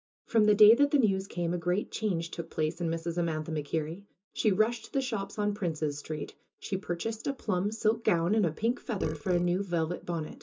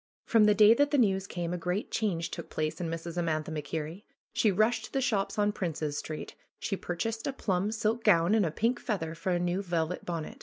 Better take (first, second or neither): second